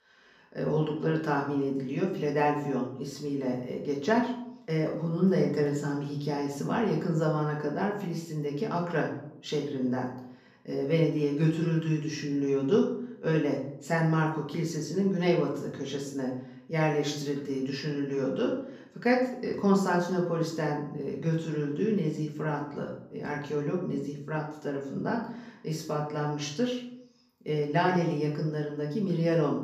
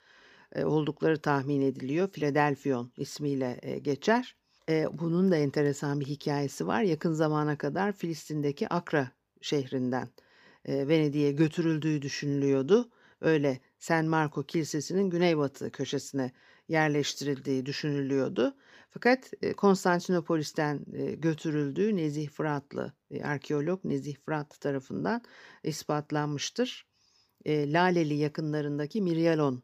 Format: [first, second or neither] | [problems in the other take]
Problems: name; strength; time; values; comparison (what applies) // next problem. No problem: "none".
second | room echo; slight; dies away in 0.6 s // off-mic speech; far